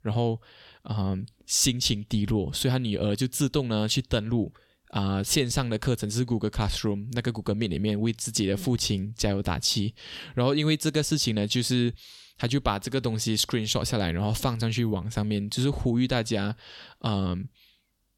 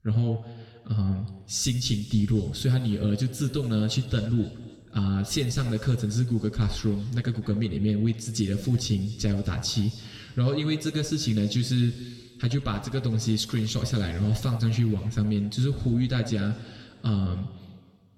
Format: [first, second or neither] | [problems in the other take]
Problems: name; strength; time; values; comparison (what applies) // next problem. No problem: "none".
first | room echo; slight; dies away in 1.9 s